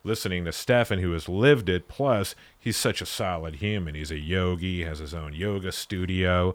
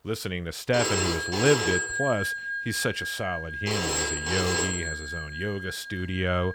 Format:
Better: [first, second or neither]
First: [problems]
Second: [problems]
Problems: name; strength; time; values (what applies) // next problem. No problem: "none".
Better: first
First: none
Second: phone ringing; loud; from 0.5 s on; peak 4 dB above the speech